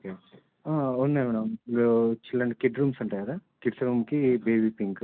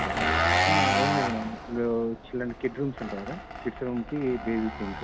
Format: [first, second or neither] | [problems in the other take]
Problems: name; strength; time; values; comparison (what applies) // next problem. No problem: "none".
first | background sound (Engine); 2 dB above the speech